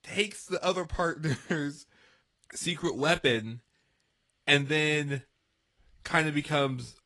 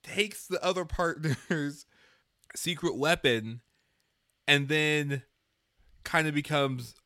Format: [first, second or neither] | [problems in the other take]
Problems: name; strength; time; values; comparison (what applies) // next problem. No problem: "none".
second | garbled, watery; slightly; nothing above 11 kHz